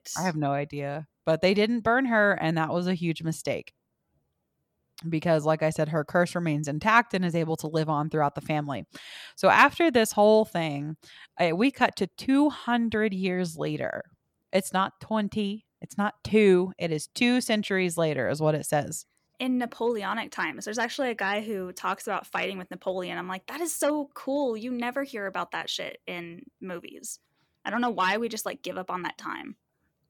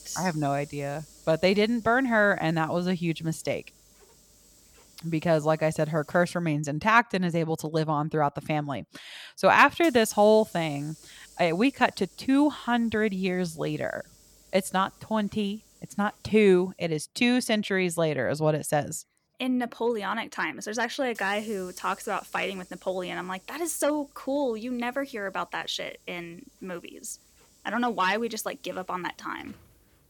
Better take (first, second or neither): first